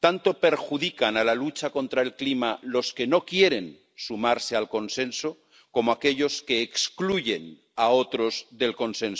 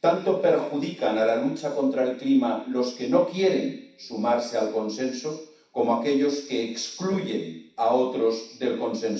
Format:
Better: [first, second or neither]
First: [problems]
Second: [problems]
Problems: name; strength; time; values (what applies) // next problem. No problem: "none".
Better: first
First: none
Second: room echo; dies away in 0.7 s